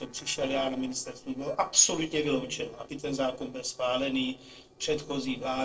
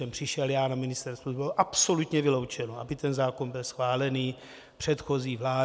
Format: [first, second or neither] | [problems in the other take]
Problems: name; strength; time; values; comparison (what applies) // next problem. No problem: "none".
second | noise reduction (neural separator model SepFormer DNS4)